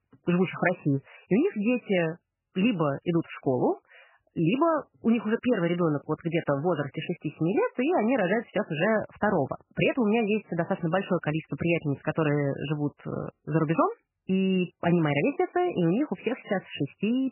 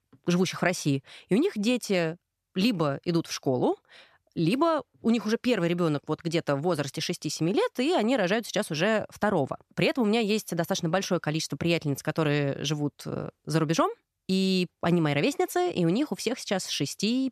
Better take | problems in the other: second | garbled, watery; badly; nothing above 3 kHz

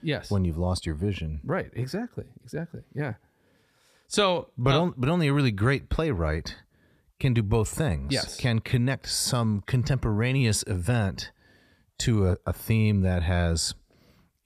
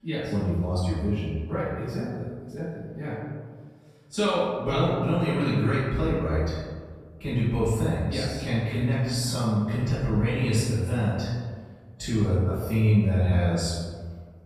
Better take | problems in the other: first | off-mic speech; far // room echo; strong; dies away in 1.5 s

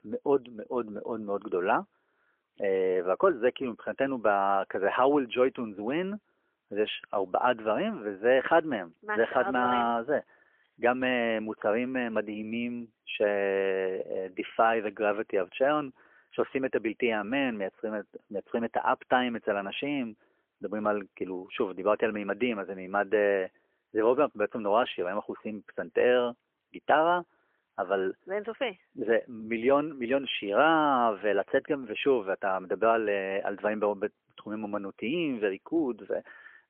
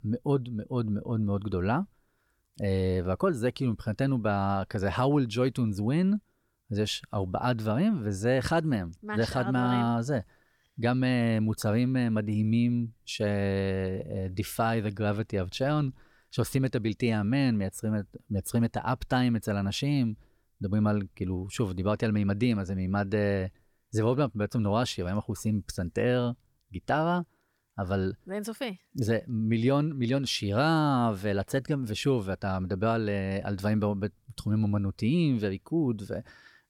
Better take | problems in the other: second | phone-call audio; poor line; nothing above 3.5 kHz

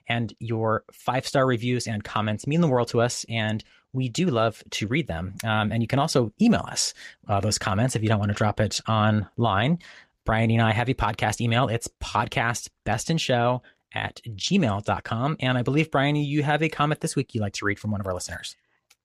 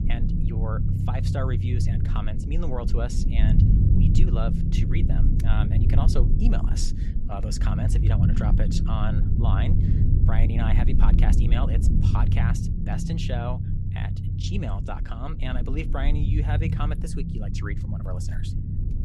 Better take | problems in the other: first | low rumble; loud; throughout; 2 dB below the speech

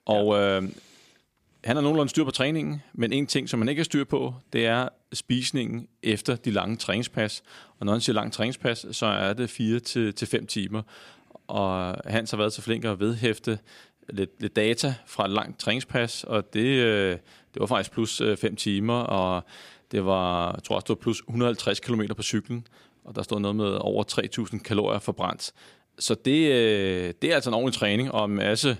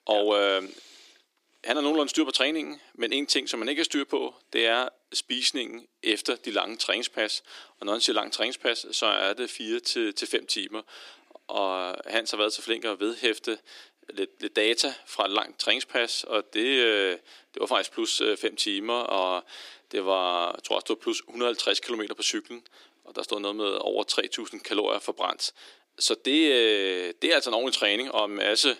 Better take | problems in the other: first | thin; somewhat; fading below 300 Hz

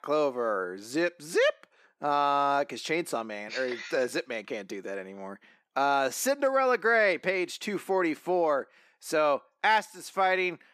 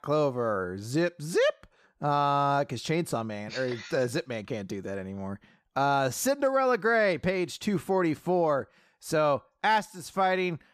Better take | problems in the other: second | thin; very slightly; fading below 250 Hz

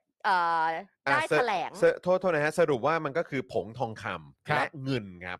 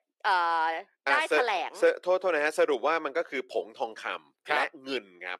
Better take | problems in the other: first | thin; somewhat; fading below 350 Hz

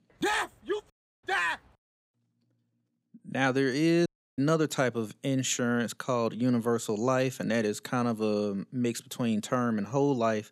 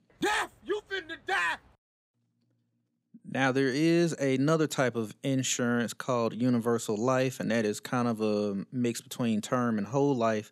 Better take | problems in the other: second | audio cutting out; at 1 s and at 4 s

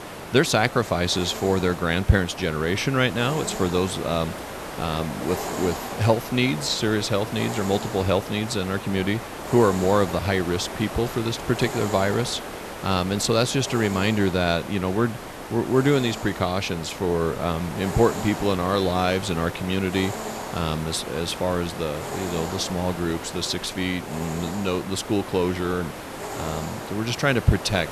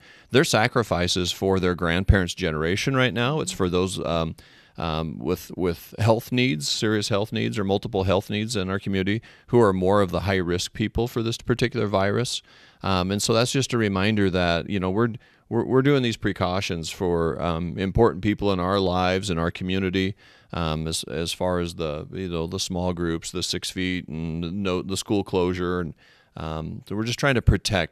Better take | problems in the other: second | hiss; loud; throughout; 9 dB below the speech

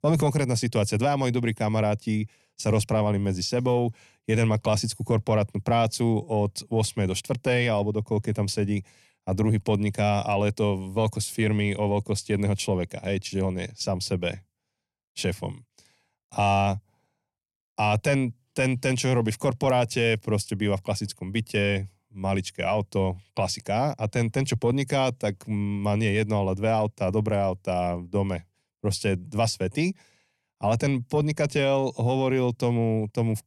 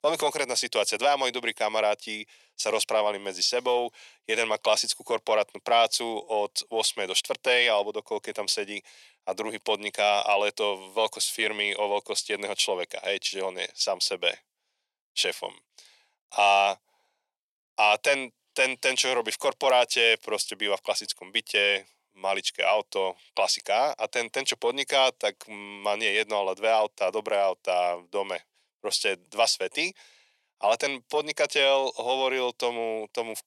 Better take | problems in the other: first | thin; very; fading below 500 Hz

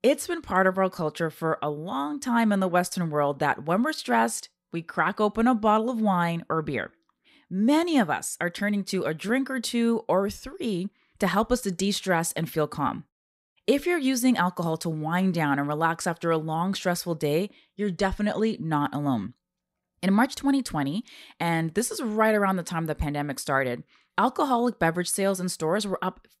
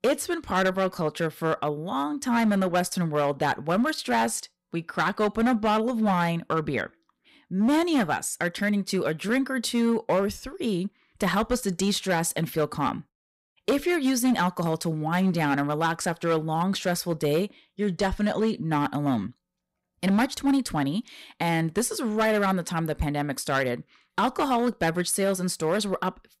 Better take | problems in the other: first | distortion; slight; 6% of the sound clipped

